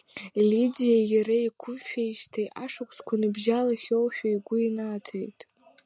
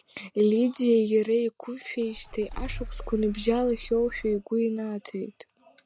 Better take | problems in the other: first | background sound (Engine starting / Car); 12 dB below the speech

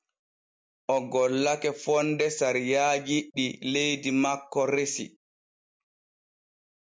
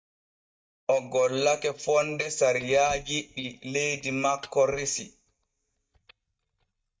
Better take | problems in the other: first | noise reduction (neural mask model DeepFilterNet 3)

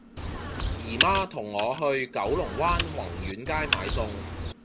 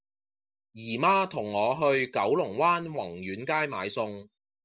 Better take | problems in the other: second | background sound (Computer keyboard + Bird); 2 dB below the speech

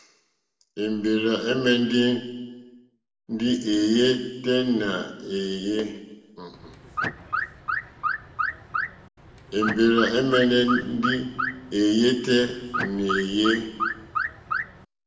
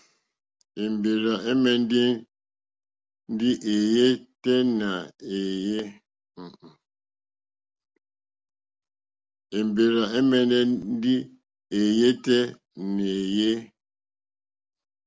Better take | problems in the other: second | background sound (Alarm / Car); 5 dB below the speech // room echo; dies away in 1.1 s

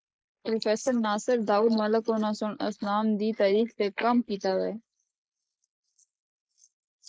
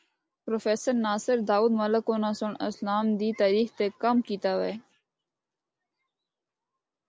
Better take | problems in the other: second | noise reduction (neural mask model Resemble Enhance denoiser)

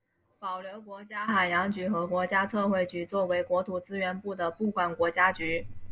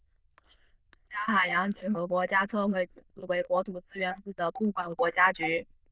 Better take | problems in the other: first | noise reduction (neural diffusion model UNIVERSE++)

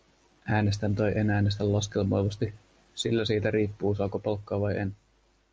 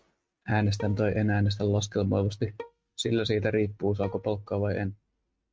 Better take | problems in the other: first | noise reduction (neural mask model RNNoise)

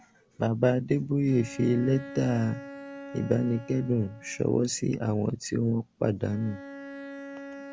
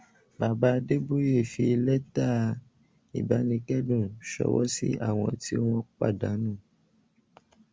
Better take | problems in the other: second | background sound (Bowed string instrument); 16 dB below the speech

